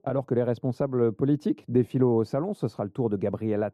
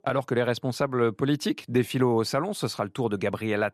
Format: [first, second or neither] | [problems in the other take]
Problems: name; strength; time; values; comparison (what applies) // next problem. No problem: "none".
second | muffled; very; fading above 1 kHz